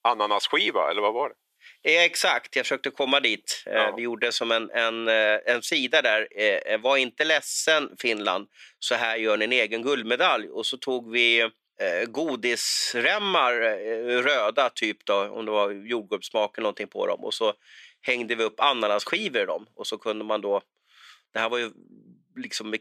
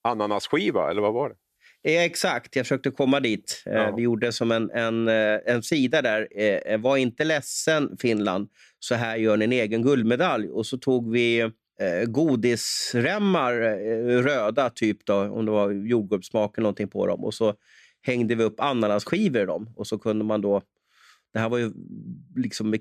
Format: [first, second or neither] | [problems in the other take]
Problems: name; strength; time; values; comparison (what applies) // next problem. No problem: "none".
second | thin; somewhat; fading below 500 Hz